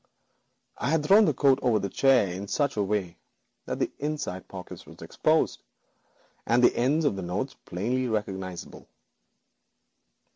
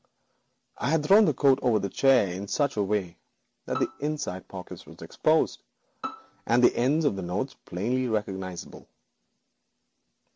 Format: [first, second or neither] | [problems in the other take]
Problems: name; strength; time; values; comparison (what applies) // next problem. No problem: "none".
first | background sound (Bowed string instrument); 15 dB below the speech